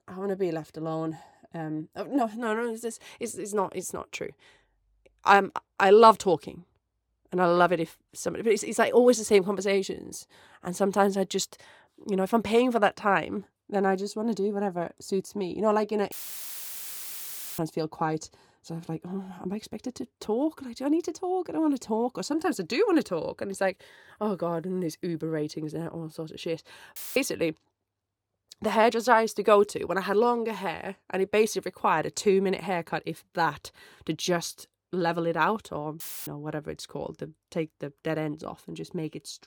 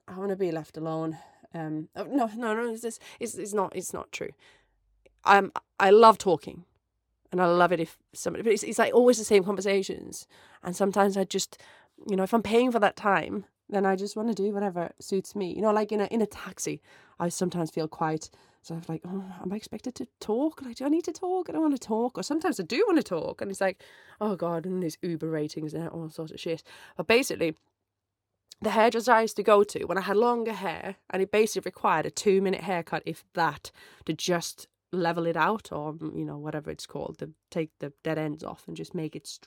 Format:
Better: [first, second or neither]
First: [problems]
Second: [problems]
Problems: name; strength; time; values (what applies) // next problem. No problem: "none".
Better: second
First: audio cutting out; filled with static; at 16 s for 1.5 s, at 27 s and at 36 s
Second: none